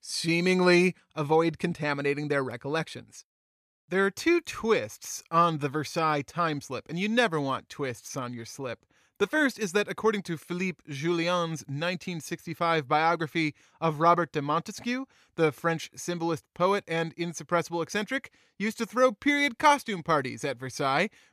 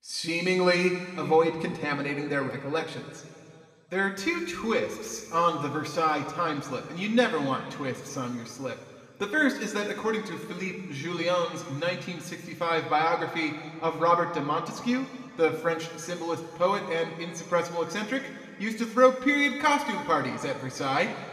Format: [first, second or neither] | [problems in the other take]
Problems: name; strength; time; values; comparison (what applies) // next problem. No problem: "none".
first | room echo; slight; dies away in 2 s // off-mic speech; somewhat distant